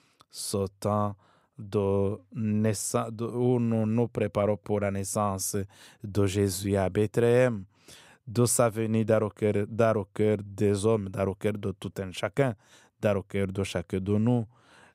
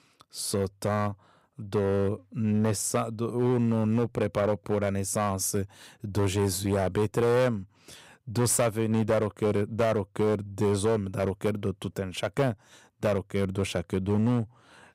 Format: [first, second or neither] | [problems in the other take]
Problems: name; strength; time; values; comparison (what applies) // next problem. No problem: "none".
first | distortion; slight; 8% of the sound clipped